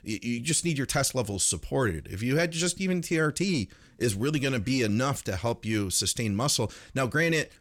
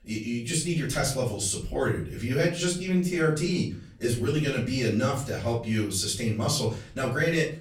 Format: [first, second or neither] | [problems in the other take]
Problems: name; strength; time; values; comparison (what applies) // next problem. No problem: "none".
first | off-mic speech; far // room echo; slight; dies away in 0.3 s